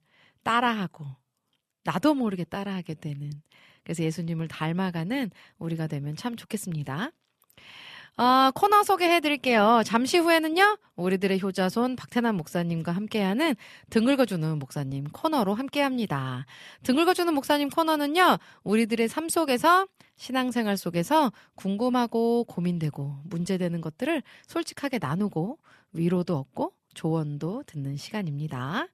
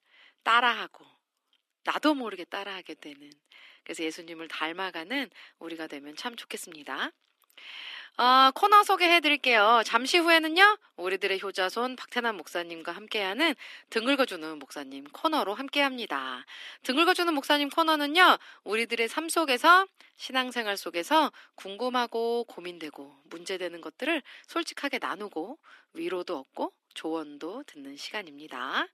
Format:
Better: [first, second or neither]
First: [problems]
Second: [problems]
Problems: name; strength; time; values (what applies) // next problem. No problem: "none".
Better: first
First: none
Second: thin; somewhat; fading below 300 Hz